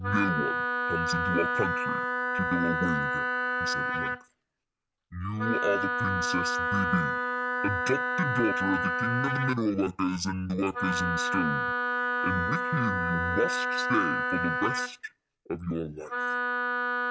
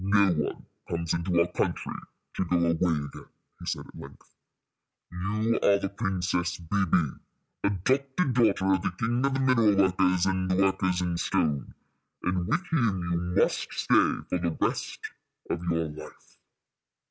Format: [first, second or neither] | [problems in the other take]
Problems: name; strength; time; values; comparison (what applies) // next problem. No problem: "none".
second | background sound (Wind instrument, woodwind instrument); 2 dB above the speech